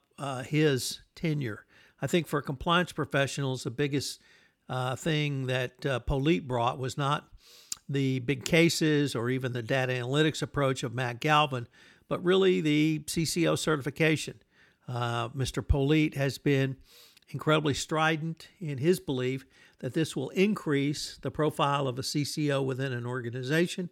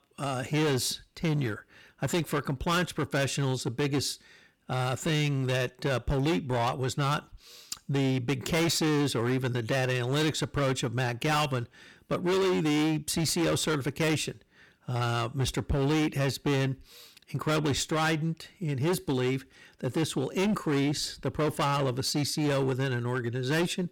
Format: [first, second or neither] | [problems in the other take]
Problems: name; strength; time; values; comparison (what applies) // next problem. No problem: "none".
first | distortion; heavy; 18% of the sound clipped